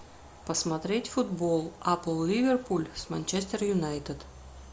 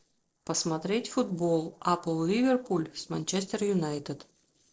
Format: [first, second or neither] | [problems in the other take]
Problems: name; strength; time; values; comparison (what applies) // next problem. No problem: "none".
first | noise reduction (neural separator model SepFormer DNS4)